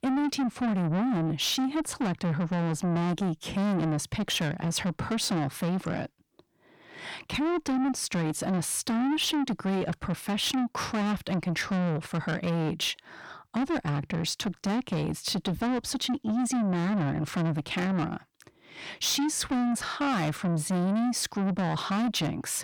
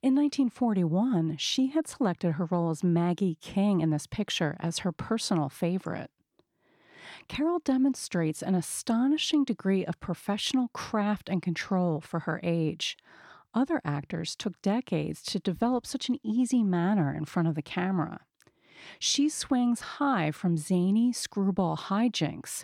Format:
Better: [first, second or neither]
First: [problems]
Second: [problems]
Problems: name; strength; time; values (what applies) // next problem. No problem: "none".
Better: second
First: distortion; heavy; 8 dB below the speech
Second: none